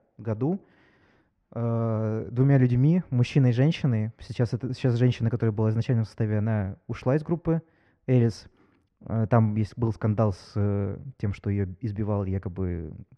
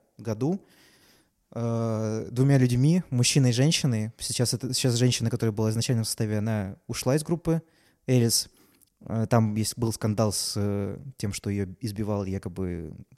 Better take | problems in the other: second | muffled; very; fading above 1.5 kHz

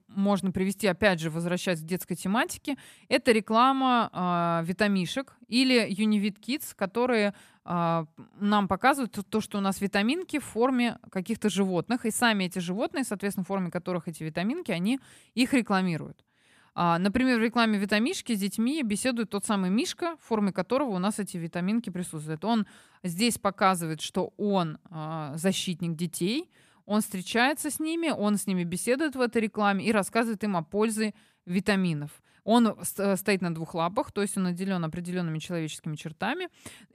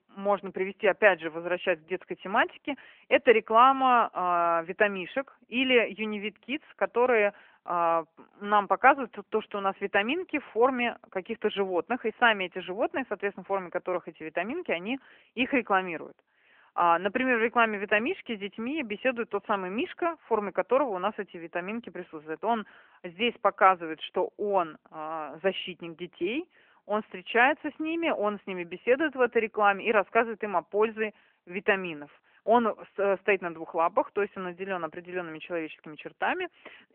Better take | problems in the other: first | phone-call audio; nothing above 3 kHz

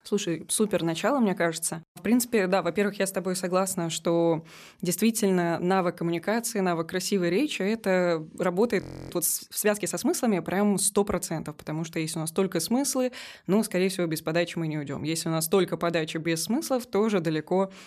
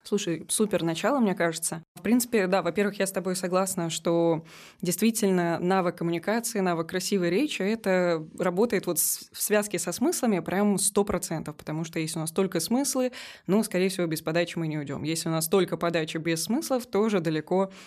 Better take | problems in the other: second | audio freezing; at 9 s

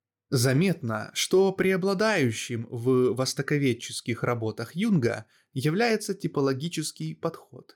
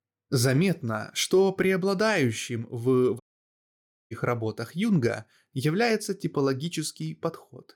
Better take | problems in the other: first | audio cutting out; at 3 s for 1 s

